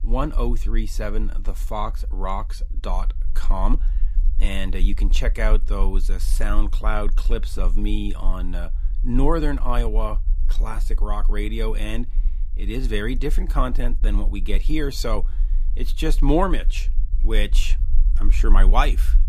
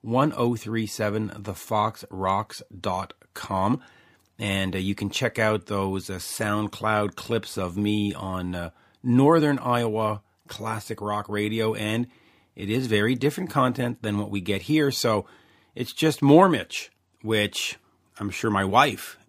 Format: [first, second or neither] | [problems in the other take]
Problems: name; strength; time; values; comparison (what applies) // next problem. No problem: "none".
second | low rumble; faint; throughout; 20 dB below the speech